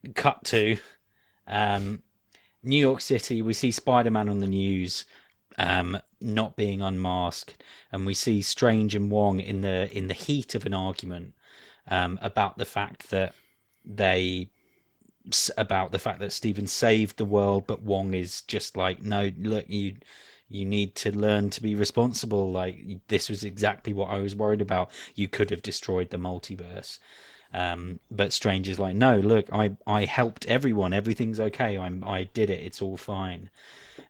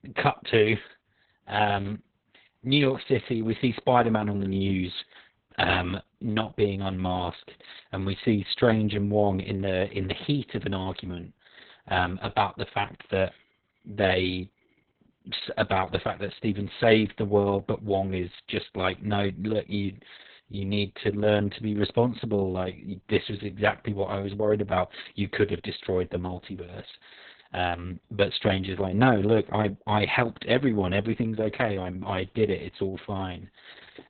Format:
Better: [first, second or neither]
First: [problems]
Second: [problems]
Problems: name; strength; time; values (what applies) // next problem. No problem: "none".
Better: first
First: garbled, watery; slightly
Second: garbled, watery; badly; nothing above 4 kHz